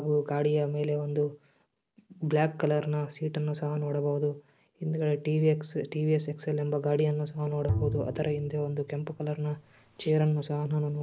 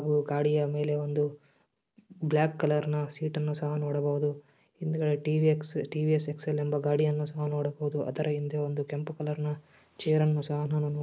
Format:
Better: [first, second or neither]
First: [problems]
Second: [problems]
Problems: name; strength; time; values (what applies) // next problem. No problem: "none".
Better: second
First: background sound (Bowed string instrument); 8 dB below the speech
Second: none